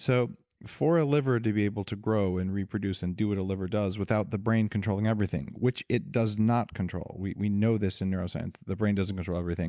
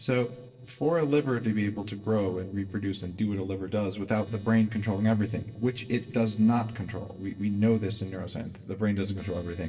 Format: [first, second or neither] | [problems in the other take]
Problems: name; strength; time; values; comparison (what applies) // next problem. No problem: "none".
first | noise reduction (neural separator model SepFormer DNS4)